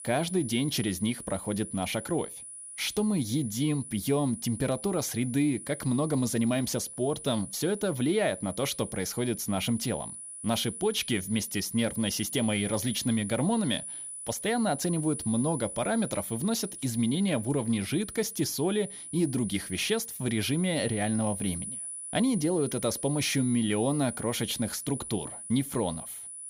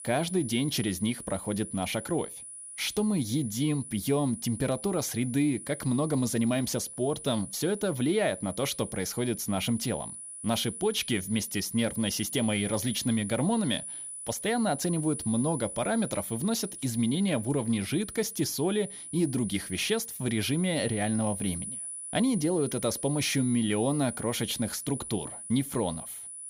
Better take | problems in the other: neither | high-pitched whine; loud; throughout; 10 kHz, 9 dB below the speech; the same in both

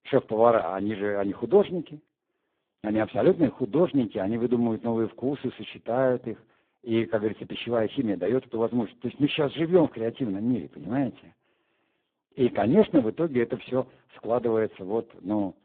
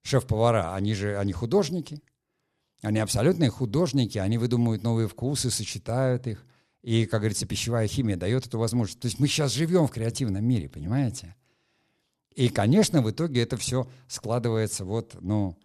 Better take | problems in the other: second | phone-call audio; poor line

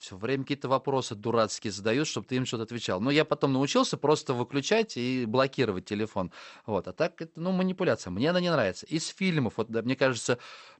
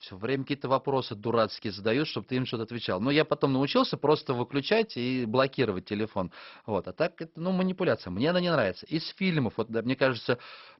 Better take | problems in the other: first | garbled, watery; badly; nothing above 5.5 kHz; slightly in the first

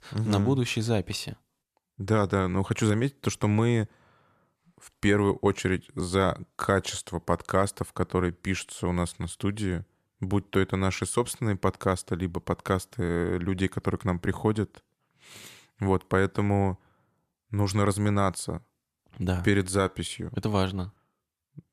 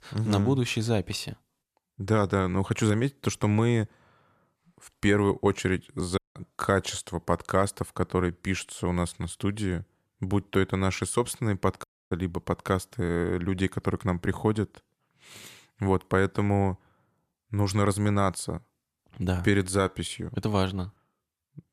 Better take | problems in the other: first | audio cutting out; at 6 s and at 12 s

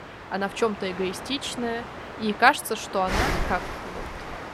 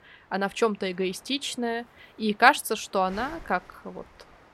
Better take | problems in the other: second | train or aircraft noise; loud; throughout; 7 dB below the speech; faint in the second

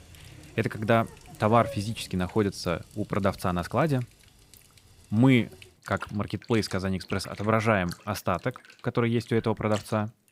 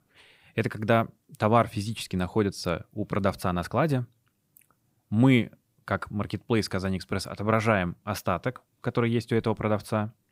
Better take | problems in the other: second | household noises; faint; throughout; 20 dB below the speech

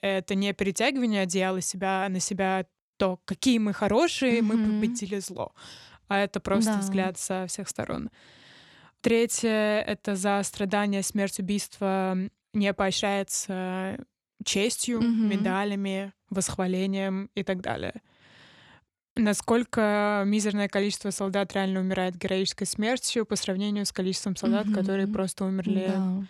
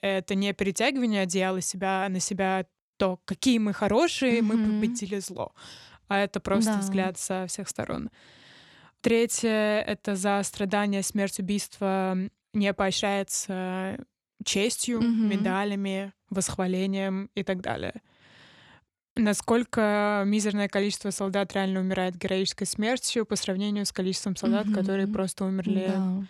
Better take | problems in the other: neither | none

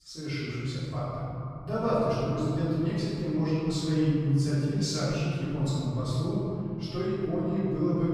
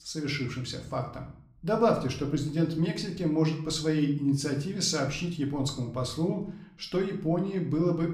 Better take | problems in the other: second | room echo; strong; dies away in 3 s; slight in the second // off-mic speech; far; somewhat distant in the second

